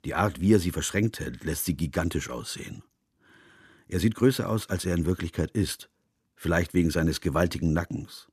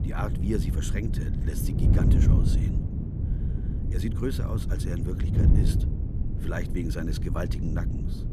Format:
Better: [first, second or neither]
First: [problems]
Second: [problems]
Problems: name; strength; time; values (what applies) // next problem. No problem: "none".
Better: first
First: none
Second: wind noise on the microphone; heavy; 1 dB below the speech